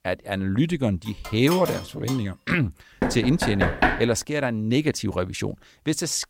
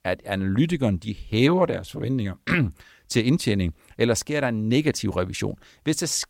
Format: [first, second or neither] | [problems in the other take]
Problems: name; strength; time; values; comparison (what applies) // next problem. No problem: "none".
second | clattering dishes; noticeable; from 1 to 2 s; peak 7 dB below the speech // door banging; loud; from 3 to 4 s; peak 3 dB above the speech